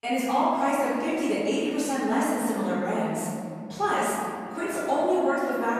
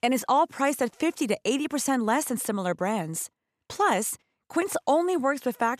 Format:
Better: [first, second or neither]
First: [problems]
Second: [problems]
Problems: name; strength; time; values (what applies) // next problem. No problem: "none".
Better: second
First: off-mic speech; far // room echo; strong; dies away in 2.4 s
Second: none